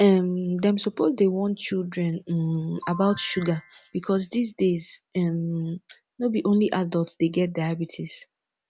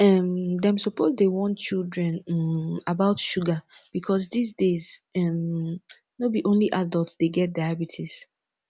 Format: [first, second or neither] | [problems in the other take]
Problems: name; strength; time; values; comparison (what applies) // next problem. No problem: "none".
second | background sound (Ringtone / Chime); 16 dB below the speech